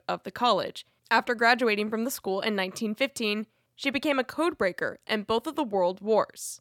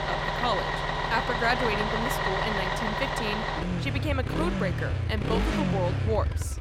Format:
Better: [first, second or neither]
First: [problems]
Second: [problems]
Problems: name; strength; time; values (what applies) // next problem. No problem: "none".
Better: first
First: none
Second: traffic noise; very loud; throughout; 3 dB above the speech